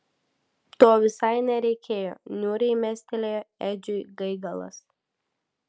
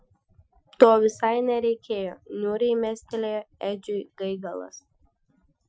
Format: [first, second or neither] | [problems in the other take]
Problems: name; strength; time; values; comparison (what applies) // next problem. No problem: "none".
first | noise reduction (classical method Wiener filter)